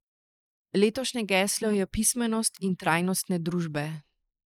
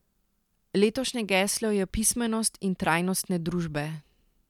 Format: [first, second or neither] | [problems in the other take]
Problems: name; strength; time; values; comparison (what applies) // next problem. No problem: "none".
second | noise reduction (neural mask model Resemble Enhance denoiser)